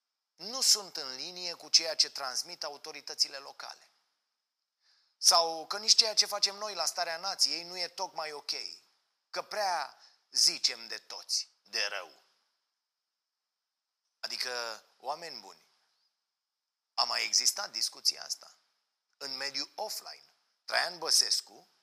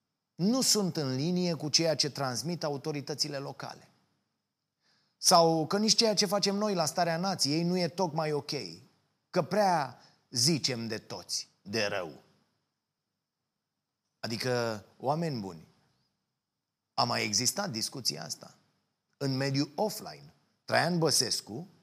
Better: second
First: thin; very; fading below 900 Hz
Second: none

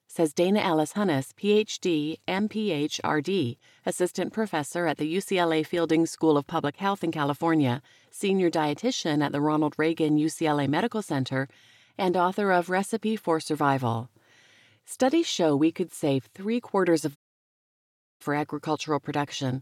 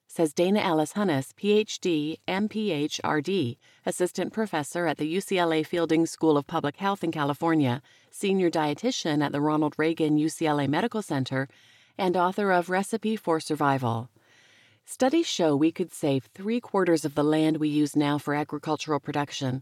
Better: second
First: audio cutting out; at 17 s for 1 s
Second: none

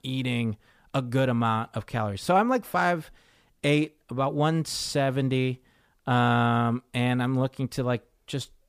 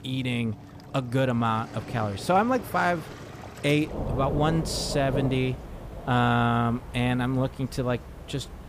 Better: first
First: none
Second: rain or running water; noticeable; throughout; 10 dB below the speech

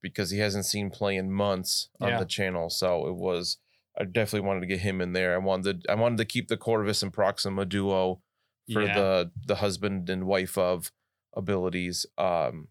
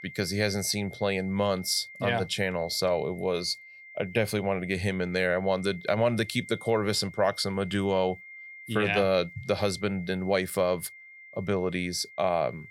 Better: first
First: none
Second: high-pitched whine; noticeable; throughout; 2 kHz, 15 dB below the speech

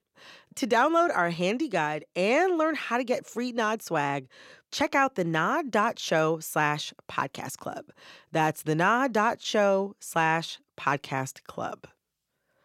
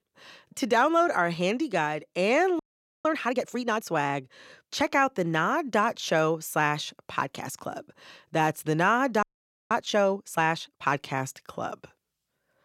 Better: first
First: none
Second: audio freezing; at 2.5 s and at 9 s

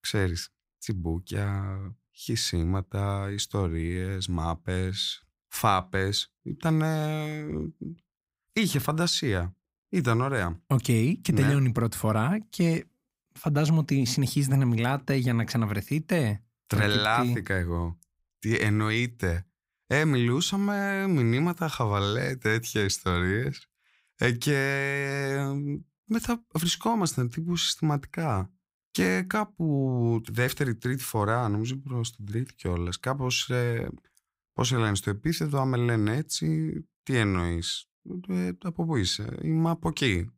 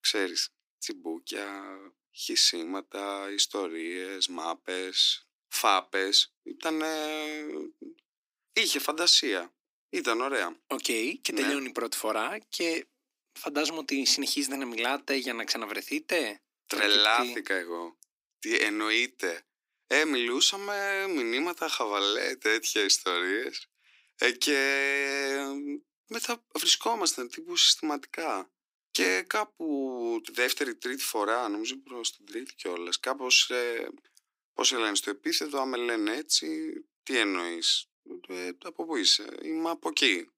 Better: first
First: none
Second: thin; somewhat; fading below 300 Hz

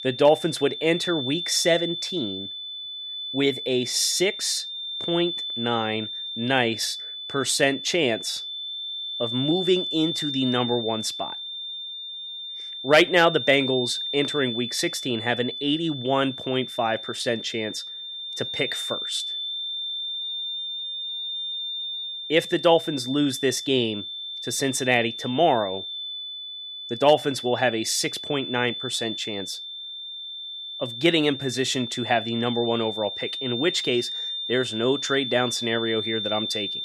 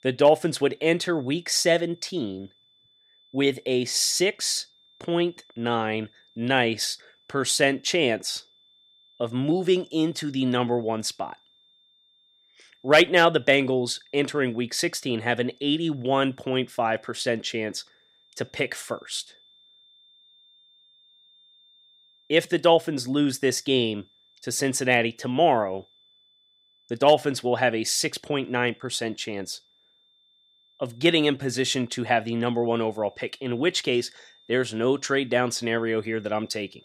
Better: second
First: high-pitched whine; loud; throughout; 3.5 kHz, 6 dB below the speech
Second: high-pitched whine; faint; throughout; 3.5 kHz, 35 dB below the speech

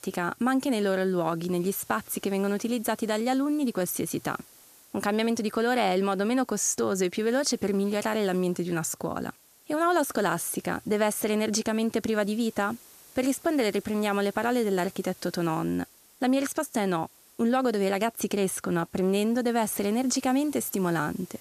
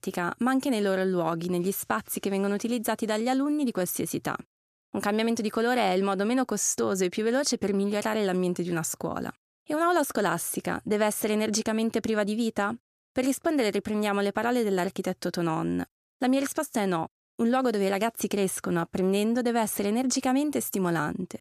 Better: second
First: hiss; faint; throughout; 25 dB below the speech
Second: none

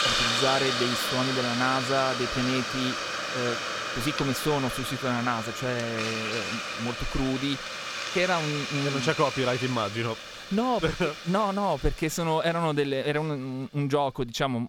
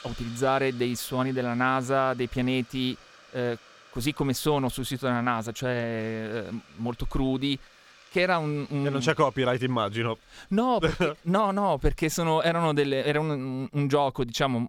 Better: second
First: hiss; loud; throughout; 2 dB below the speech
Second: hiss; faint; throughout; 25 dB below the speech

